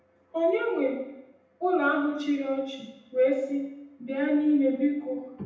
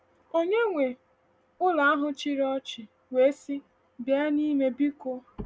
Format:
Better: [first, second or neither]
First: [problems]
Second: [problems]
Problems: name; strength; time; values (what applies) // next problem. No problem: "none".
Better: second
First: room echo; dies away in 0.8 s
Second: none